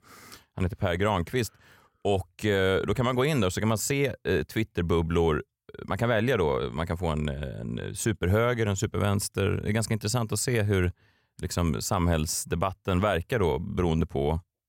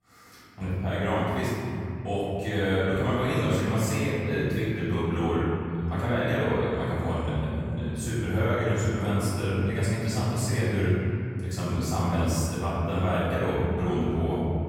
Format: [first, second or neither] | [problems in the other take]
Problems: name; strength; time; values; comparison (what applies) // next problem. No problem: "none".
first | off-mic speech; far // room echo; strong; dies away in 3 s